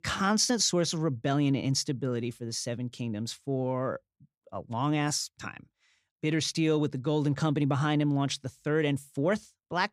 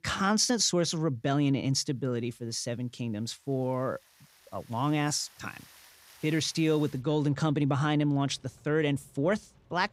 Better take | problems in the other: first | rain or running water; faint; throughout; 25 dB below the speech

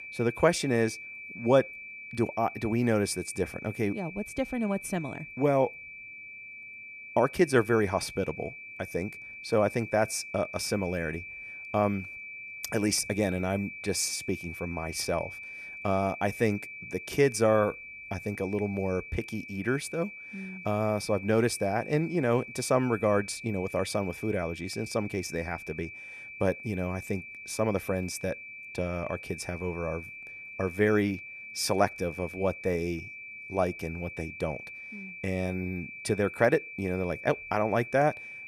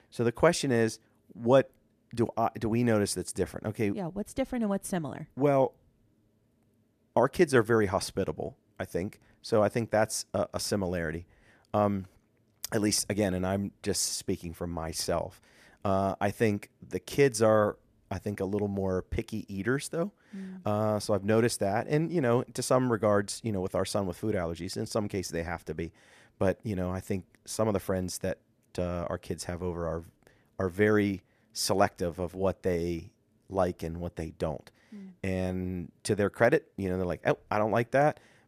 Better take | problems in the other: second | high-pitched whine; noticeable; throughout; 2.5 kHz, 10 dB below the speech

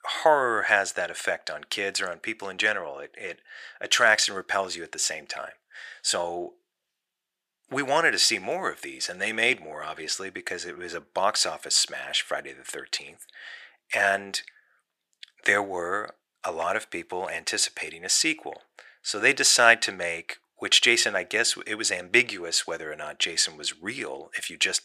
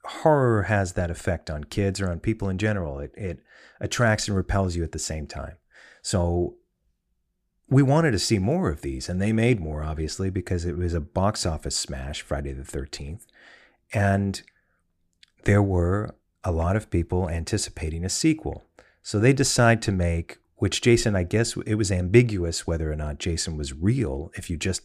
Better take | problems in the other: second | thin; very; fading below 700 Hz

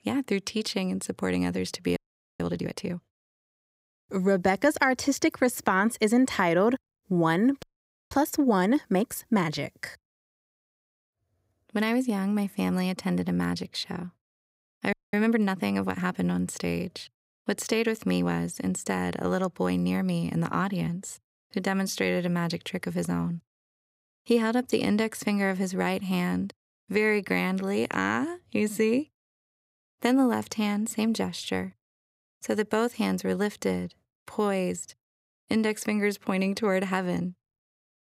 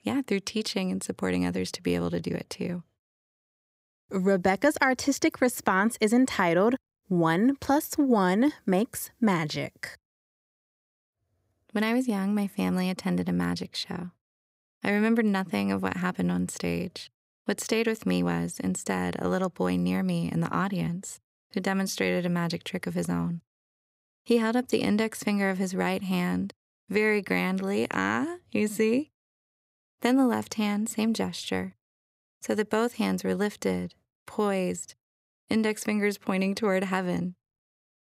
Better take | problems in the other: second | audio freezing; at 2 s, at 7.5 s and at 15 s

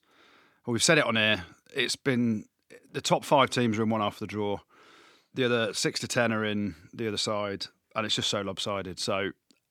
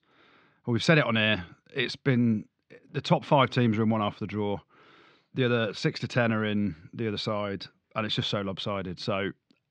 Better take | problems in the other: first | muffled; very slightly; fading above 4 kHz

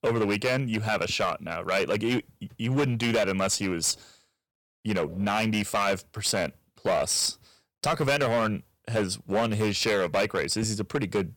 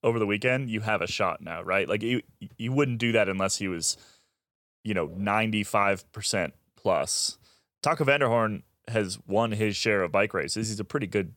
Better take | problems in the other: second | distortion; heavy; 9% of the sound clipped

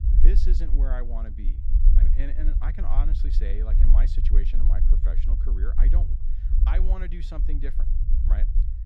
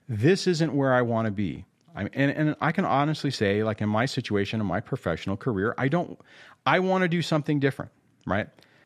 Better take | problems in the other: second | low rumble; loud; throughout; 5 dB below the speech

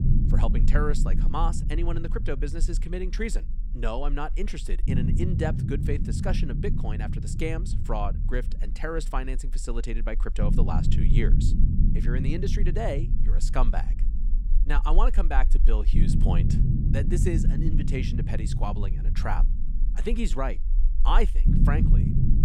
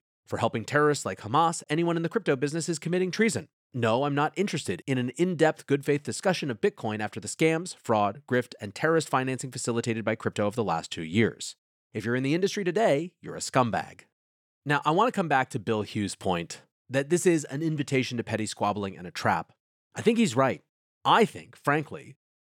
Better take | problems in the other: second | low rumble; loud; throughout; 6 dB below the speech

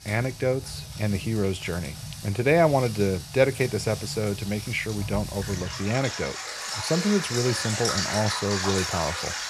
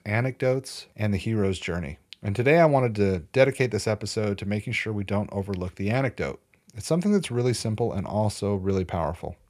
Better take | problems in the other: second | rain or running water; loud; throughout; 5 dB below the speech

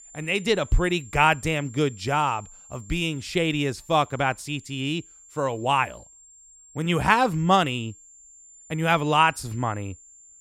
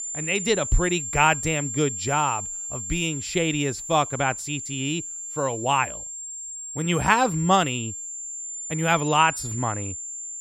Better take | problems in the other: first | high-pitched whine; loud; throughout; 7.5 kHz, 7 dB below the speech; faint in the first

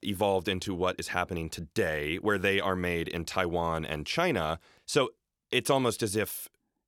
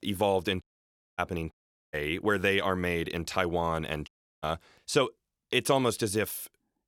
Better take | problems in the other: first | audio cutting out; at 0.5 s for 0.5 s, at 1.5 s and at 4 s

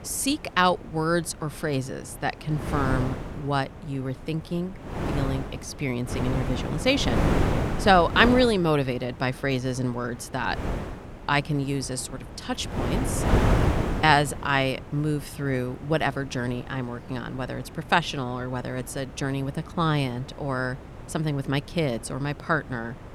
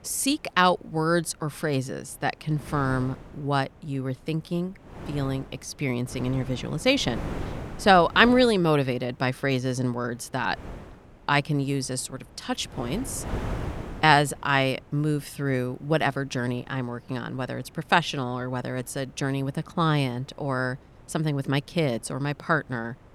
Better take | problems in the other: second | wind noise on the microphone; heavy; 8 dB below the speech; occasional gusts in the second

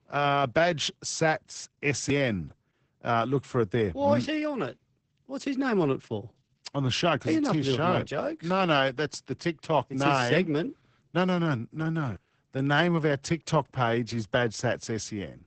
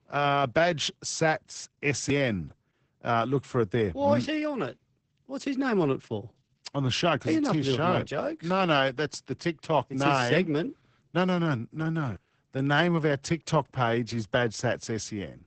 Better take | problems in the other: neither | garbled, watery; badly; nothing above 8 kHz; the same in both

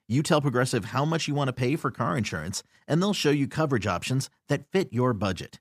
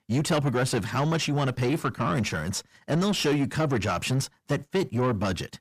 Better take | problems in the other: first | distortion; slight; 9 dB below the speech

